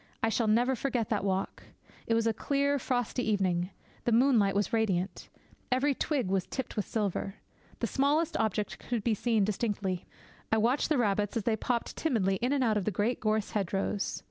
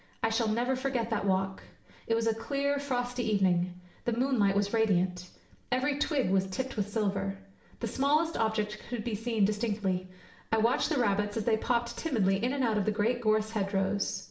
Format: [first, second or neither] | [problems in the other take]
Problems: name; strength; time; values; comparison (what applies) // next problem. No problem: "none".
first | room echo; dies away in 0.6 s